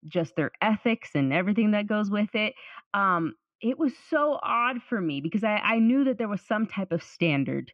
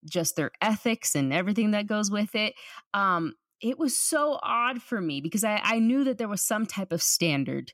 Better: second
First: muffled; very; fading above 2.5 kHz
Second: none

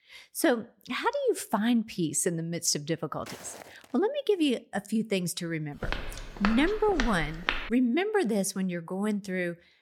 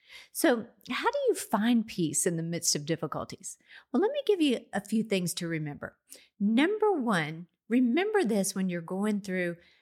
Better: second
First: footsteps; faint; at 3.5 s; peak 15 dB below the speech // footsteps; noticeable; from 6 to 7.5 s; peak 3 dB below the speech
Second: none

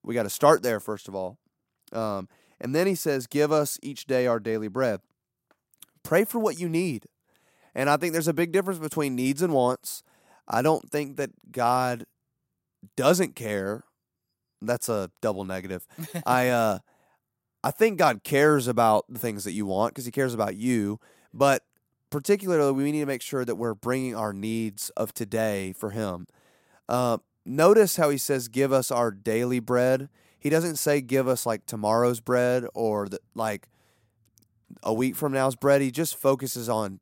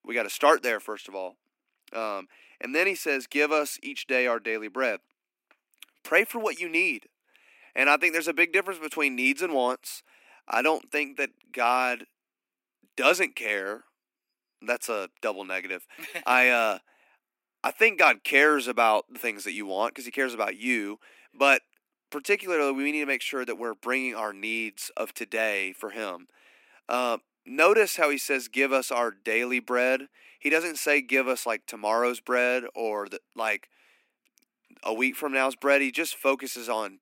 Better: first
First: none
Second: thin; very slightly; fading below 250 Hz

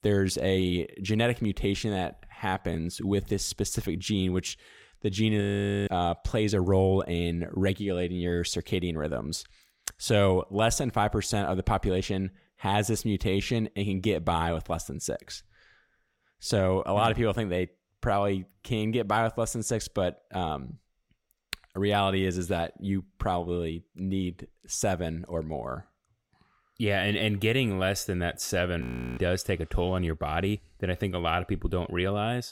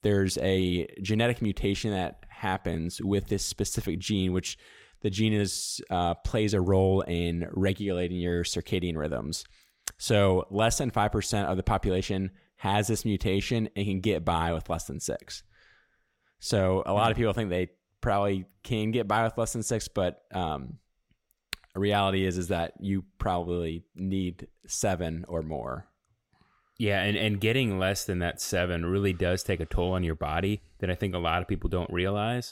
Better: second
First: audio freezing; at 5.5 s and at 29 s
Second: none

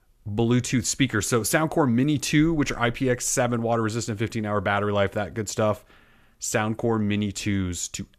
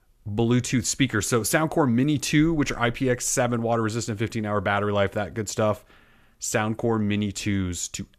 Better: neither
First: none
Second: none

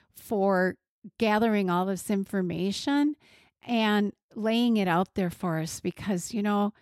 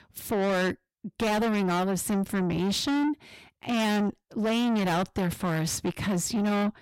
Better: first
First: none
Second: distortion; heavy; 6 dB below the speech

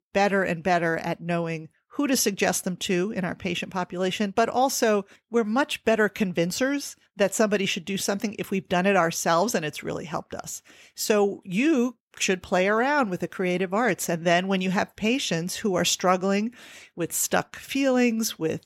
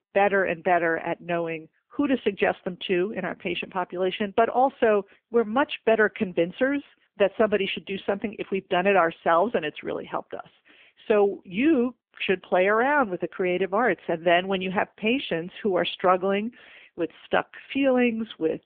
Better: first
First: none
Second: phone-call audio; poor line; nothing above 3.5 kHz

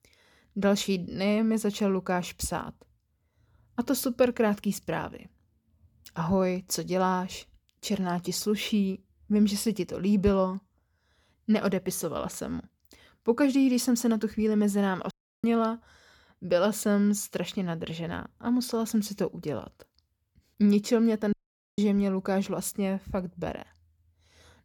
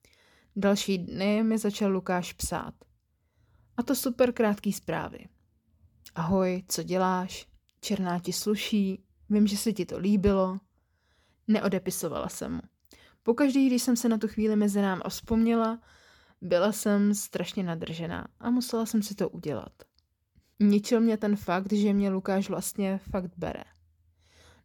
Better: second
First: audio cutting out; at 15 s and at 21 s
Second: none

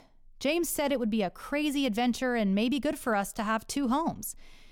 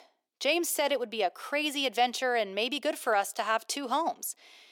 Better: first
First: none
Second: thin; somewhat; fading below 350 Hz

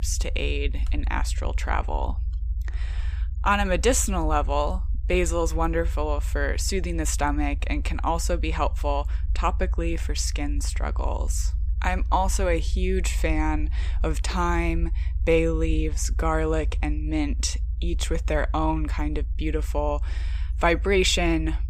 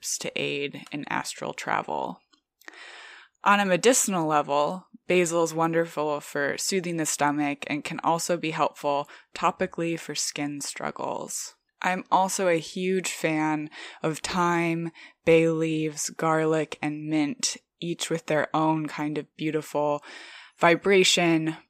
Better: second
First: low rumble; faint; throughout; 25 dB below the speech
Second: none

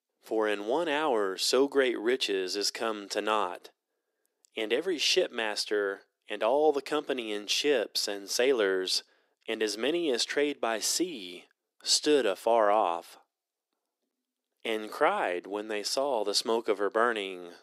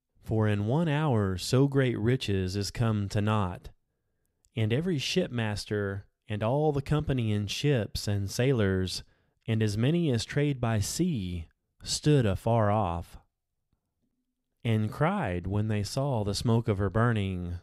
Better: second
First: thin; very; fading below 350 Hz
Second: none

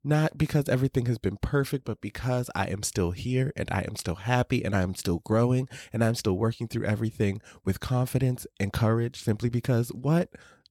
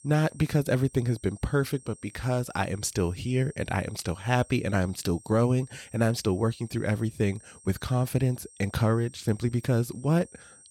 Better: first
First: none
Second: high-pitched whine; faint; throughout; 8.5 kHz, 25 dB below the speech

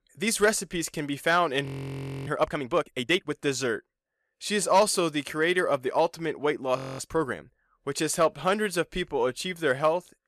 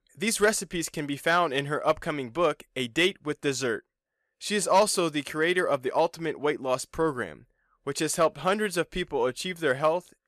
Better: second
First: audio freezing; at 1.5 s for 0.5 s and at 7 s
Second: none

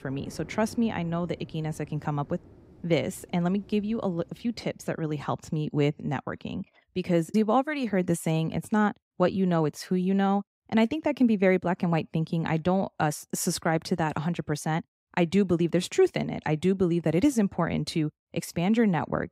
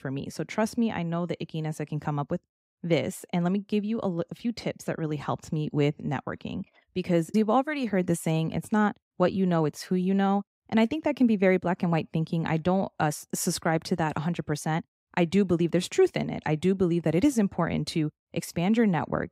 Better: second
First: rain or running water; faint; until 4.5 s; 25 dB below the speech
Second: none

